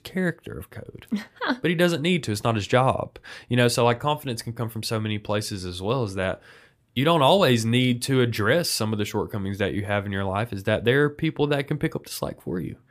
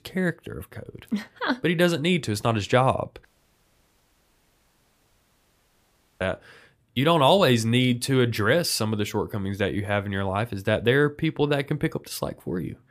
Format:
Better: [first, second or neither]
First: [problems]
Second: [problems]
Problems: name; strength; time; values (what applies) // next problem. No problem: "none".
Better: first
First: none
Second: audio cutting out; at 3.5 s for 3 s